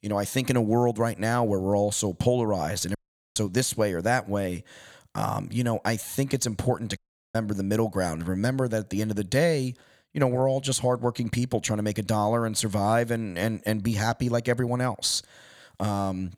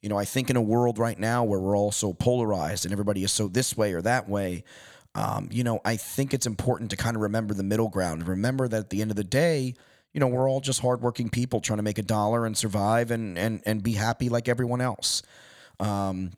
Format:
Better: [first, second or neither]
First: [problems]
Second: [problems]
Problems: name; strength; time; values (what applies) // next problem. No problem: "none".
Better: second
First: audio cutting out; at 3 s and at 7 s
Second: none